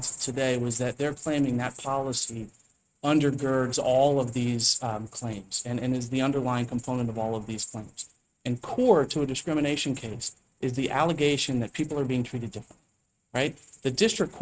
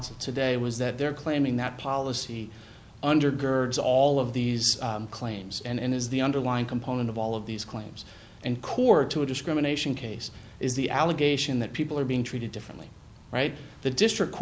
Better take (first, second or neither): second